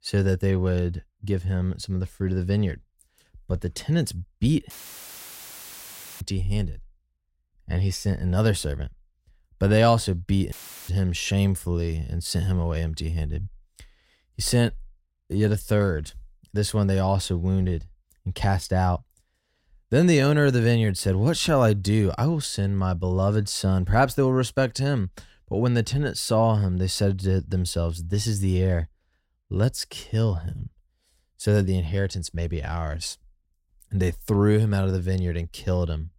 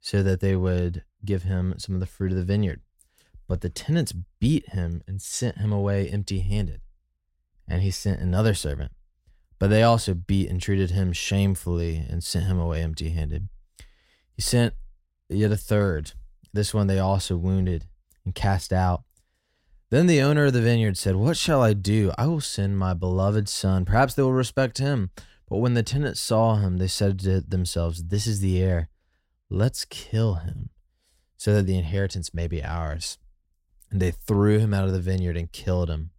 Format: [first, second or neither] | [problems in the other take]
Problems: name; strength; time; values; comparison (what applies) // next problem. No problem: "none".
second | audio cutting out; filled with static; at 4.5 s for 1.5 s and at 11 s